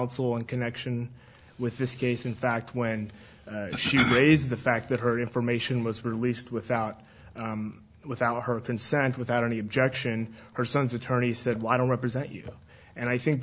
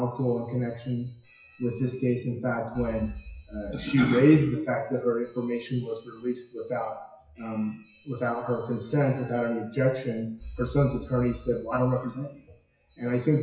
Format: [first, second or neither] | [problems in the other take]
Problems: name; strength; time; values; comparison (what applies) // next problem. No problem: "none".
first | noise reduction (classical method WPE with log-MMSE)